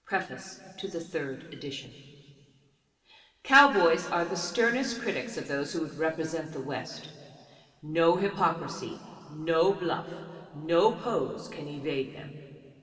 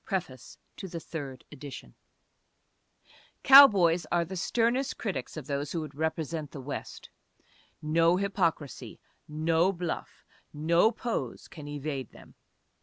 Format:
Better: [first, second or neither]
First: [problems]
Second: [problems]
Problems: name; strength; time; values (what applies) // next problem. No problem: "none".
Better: second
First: room echo; dies away in 2.5 s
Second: none